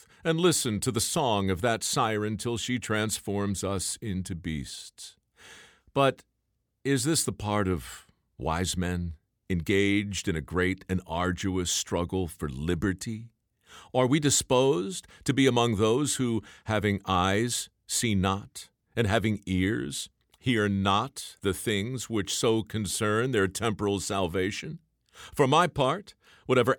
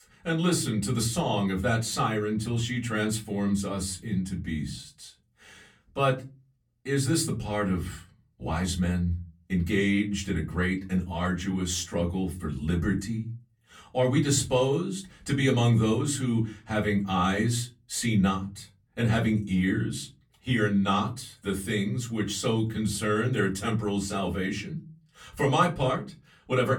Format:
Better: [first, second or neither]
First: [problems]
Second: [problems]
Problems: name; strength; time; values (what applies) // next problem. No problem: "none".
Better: first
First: none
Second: off-mic speech; far // room echo; very slight; dies away in 0.4 s